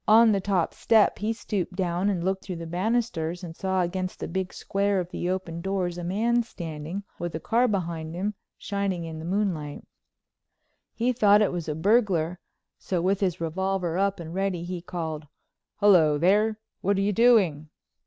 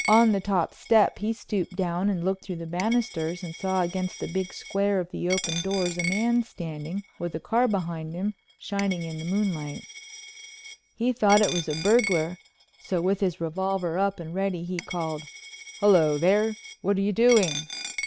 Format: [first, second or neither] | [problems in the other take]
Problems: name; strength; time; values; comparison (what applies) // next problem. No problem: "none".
first | background sound (Coin (dropping)); 12 dB below the speech